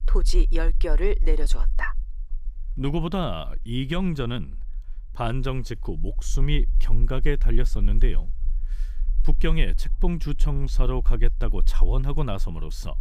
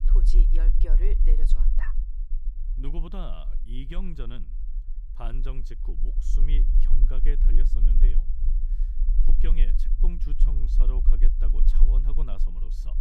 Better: first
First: low rumble; faint; throughout; 25 dB below the speech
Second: low rumble; loud; throughout; 7 dB below the speech

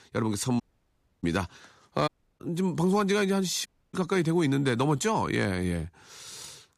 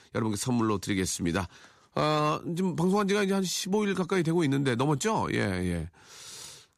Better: second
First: audio cutting out; at 0.5 s for 0.5 s, at 2 s and at 3.5 s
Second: none

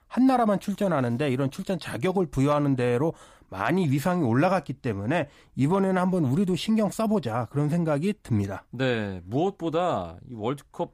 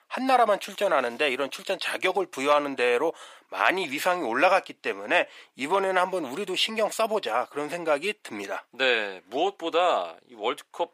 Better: first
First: none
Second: thin; very; fading below 450 Hz

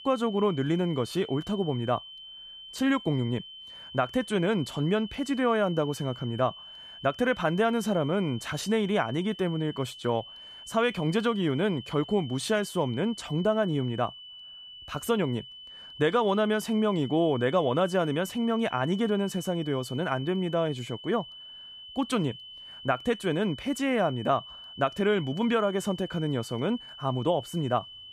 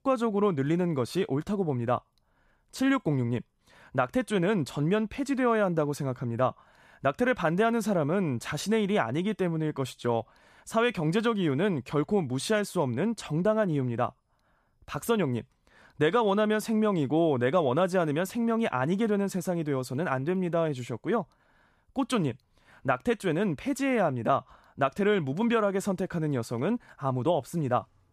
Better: second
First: high-pitched whine; noticeable; throughout; 3 kHz, 15 dB below the speech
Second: none

